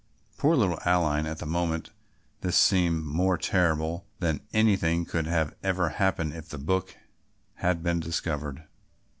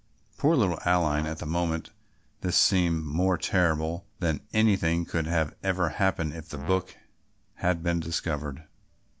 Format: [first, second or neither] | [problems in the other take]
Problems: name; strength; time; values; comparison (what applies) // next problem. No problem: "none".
first | background sound (Brass instrument); 18 dB below the speech